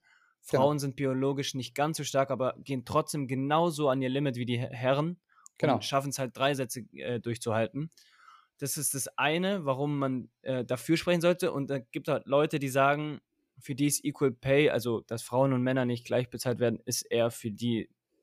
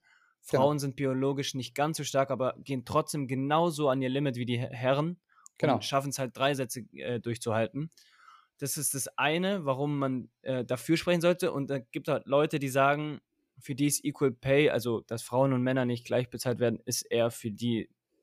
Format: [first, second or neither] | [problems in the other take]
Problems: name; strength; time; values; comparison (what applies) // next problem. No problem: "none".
neither | none